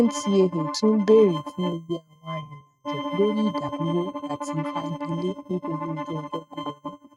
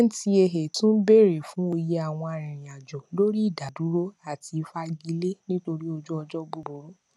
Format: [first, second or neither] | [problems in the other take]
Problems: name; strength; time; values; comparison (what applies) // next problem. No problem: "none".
second | noise reduction (neural mask model RNNoise)